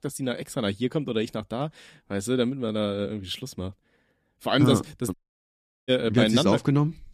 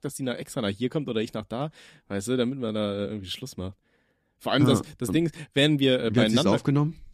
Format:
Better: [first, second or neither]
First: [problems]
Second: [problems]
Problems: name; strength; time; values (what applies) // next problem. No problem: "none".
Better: second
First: audio cutting out; at 5 s for 0.5 s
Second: none